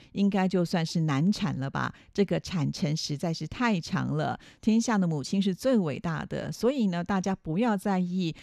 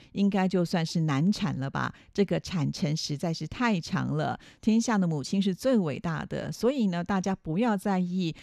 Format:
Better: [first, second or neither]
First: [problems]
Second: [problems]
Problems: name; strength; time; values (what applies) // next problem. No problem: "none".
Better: neither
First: none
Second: none